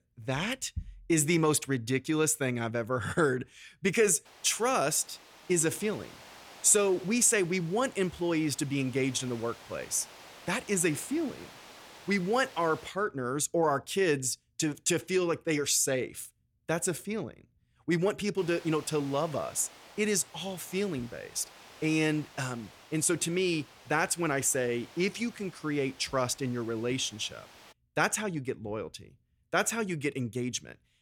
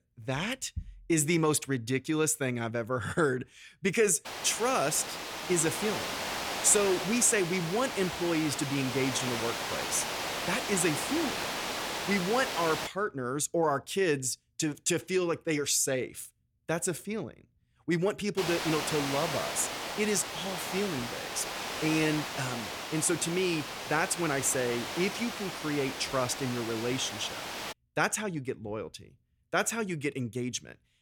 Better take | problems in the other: first | hiss; loud; from 4.5 to 13 s and from 18 to 28 s; 5 dB below the speech; faint in the first

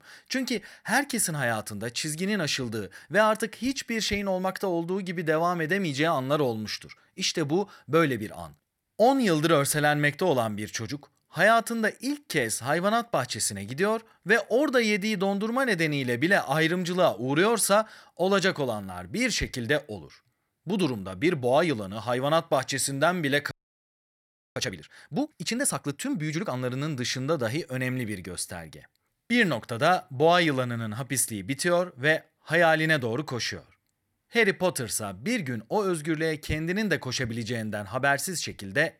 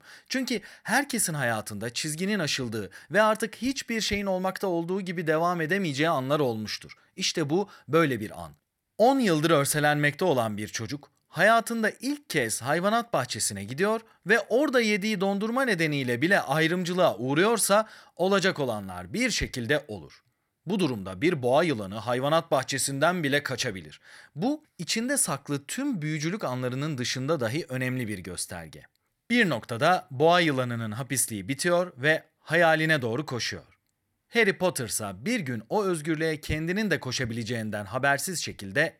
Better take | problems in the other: second | audio freezing; at 24 s for 1 s

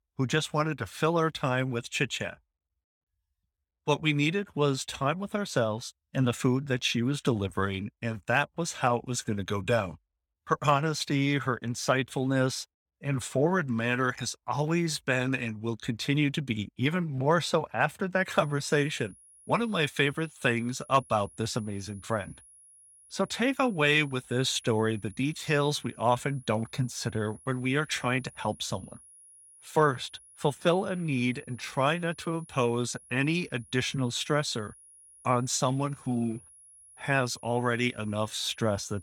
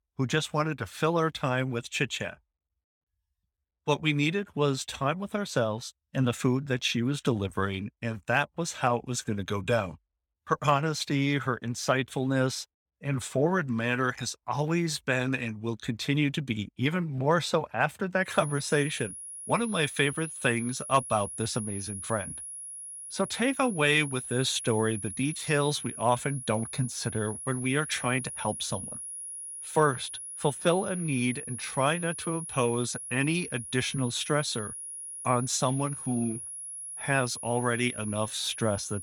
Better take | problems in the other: first | high-pitched whine; loud; from 18 s on; 10.5 kHz, 8 dB below the speech; faint in the first

